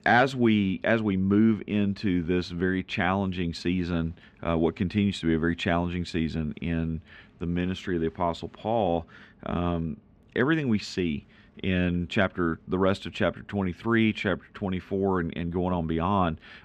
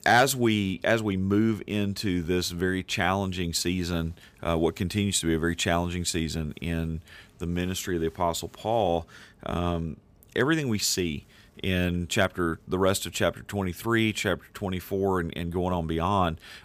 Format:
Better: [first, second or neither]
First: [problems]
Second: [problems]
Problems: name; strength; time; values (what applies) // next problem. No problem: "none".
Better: second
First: muffled; slightly; fading above 2.5 kHz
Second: none